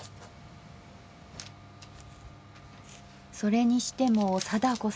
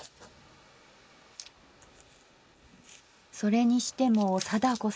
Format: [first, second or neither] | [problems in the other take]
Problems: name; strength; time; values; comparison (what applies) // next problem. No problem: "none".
first | noise reduction (neural mask model Resemble Enhance denoiser)